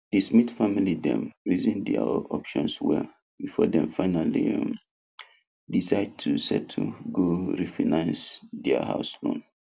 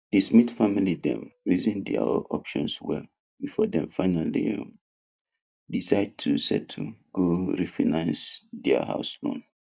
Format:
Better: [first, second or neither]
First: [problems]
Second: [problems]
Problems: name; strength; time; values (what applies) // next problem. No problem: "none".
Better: first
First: none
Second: noise reduction (neural mask model DeepFilterNet 3)